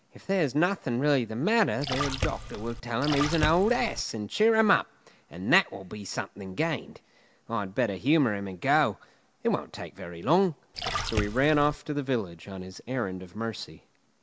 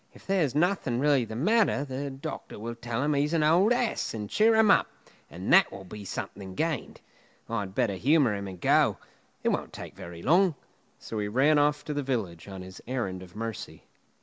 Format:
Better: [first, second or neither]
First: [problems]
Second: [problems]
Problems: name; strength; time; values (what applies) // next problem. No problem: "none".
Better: second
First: background sound (Splash, splatter); 4 dB below the speech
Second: none